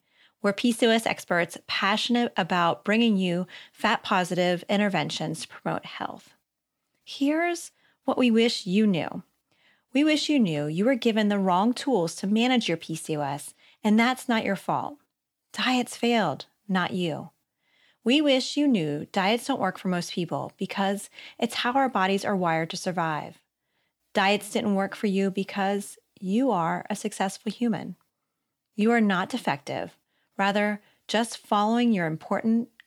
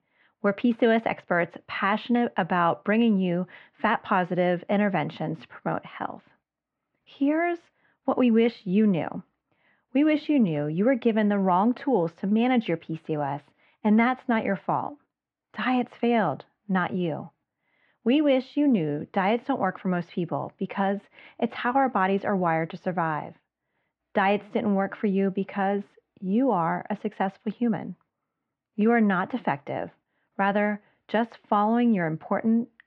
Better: first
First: none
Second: muffled; very; fading above 2 kHz

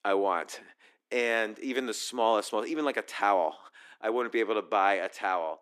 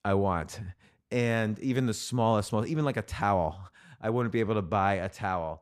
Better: second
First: thin; somewhat; fading below 300 Hz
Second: none

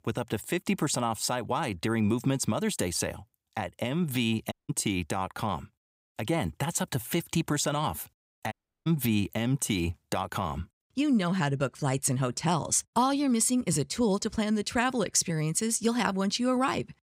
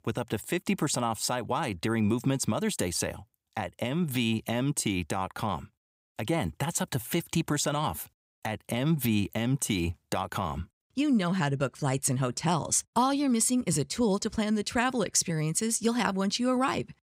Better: second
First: audio cutting out; at 4.5 s and at 8.5 s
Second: none

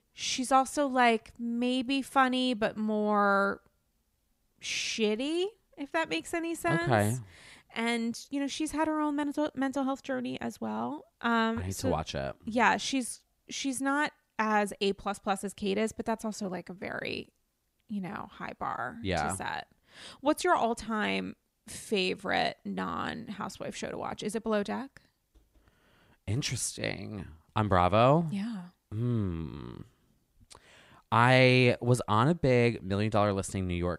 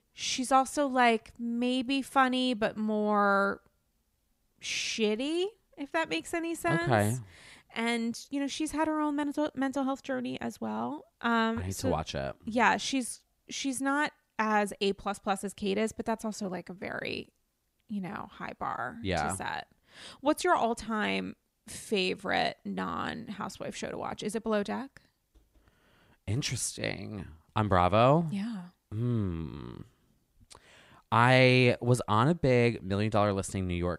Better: neither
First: none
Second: none

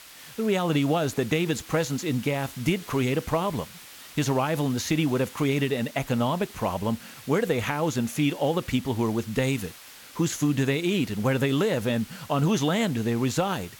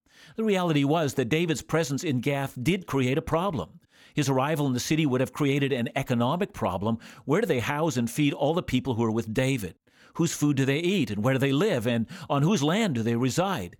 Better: second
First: hiss; noticeable; throughout; 20 dB below the speech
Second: none

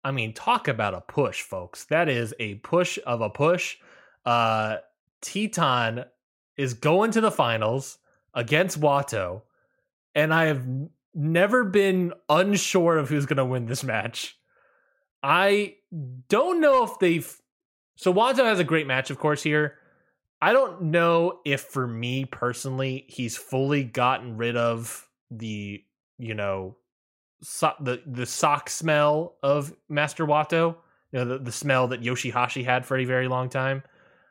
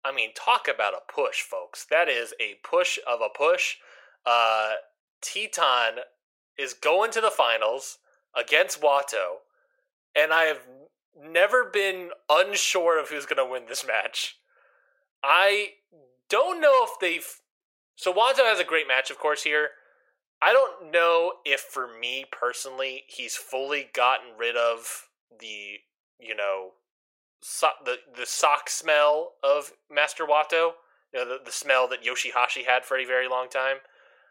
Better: first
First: none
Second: thin; very; fading below 500 Hz

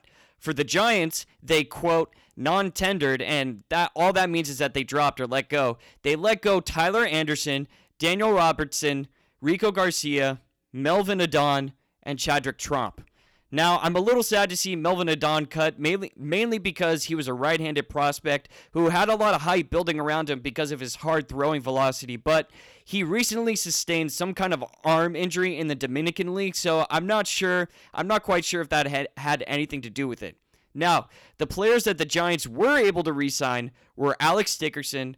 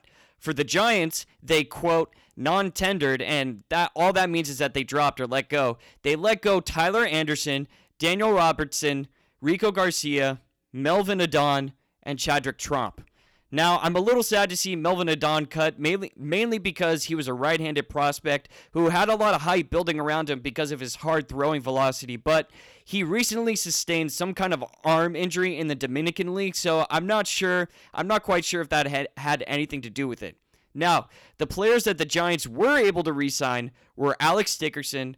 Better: neither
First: distortion; slight; 4% of the sound clipped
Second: distortion; slight; 4% of the sound clipped

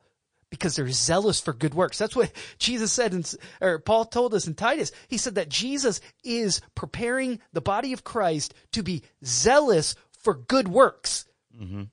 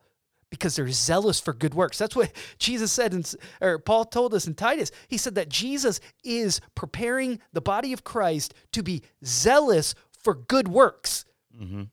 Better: second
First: garbled, watery; slightly; nothing above 9 kHz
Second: none

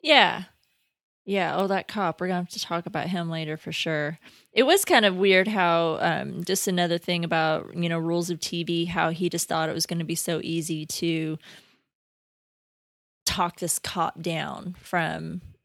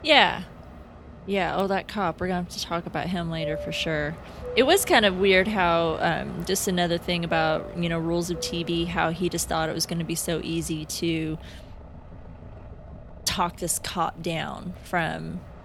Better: first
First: none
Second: train or aircraft noise; noticeable; throughout; 15 dB below the speech

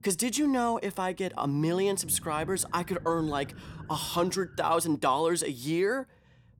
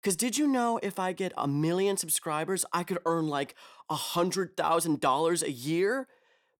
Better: second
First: low rumble; faint; throughout; 25 dB below the speech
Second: none

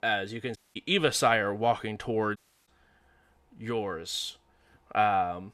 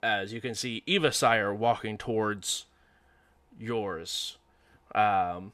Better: second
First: audio cutting out; at 0.5 s and at 2.5 s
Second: none

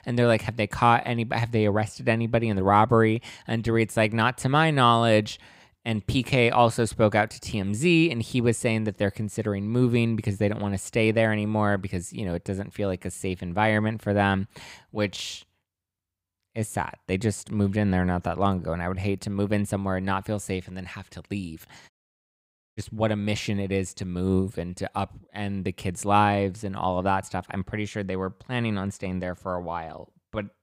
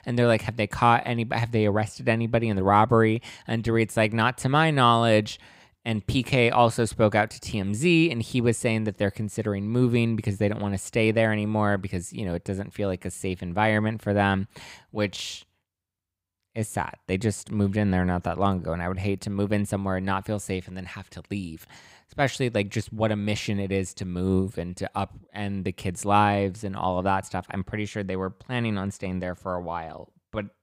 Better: second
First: audio cutting out; at 22 s for 1 s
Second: none

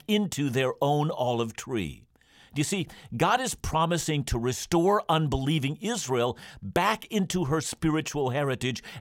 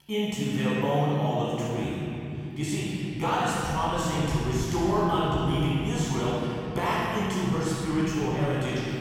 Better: first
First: none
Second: off-mic speech; far // room echo; strong; dies away in 3 s

